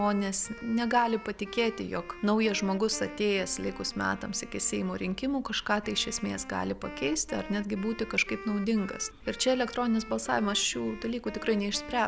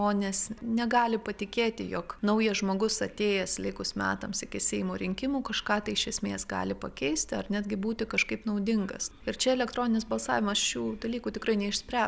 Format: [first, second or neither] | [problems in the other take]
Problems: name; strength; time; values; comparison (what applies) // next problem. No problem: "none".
second | background sound (Wind instrument, woodwind instrument); 16 dB below the speech